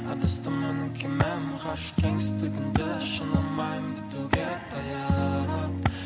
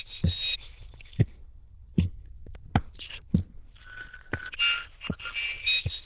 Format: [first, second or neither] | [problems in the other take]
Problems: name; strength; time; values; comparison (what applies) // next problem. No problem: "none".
first | noise reduction (neural diffusion model UNIVERSE++)